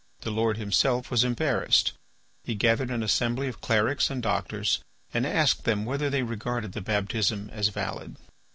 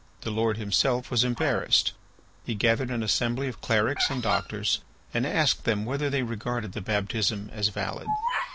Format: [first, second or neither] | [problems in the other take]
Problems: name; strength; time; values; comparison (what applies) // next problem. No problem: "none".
first | background sound (Bird vocalization, bird call, bird song); 11 dB below the speech